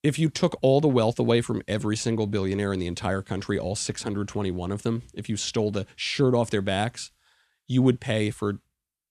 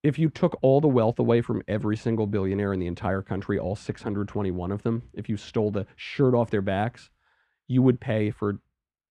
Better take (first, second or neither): first